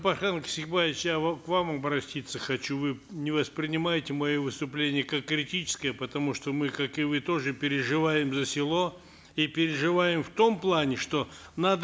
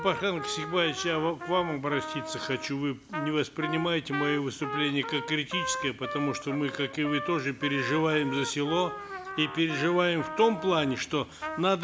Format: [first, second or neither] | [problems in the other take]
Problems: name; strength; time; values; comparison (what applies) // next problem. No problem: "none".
first | background sound (Trumpet); 9 dB below the speech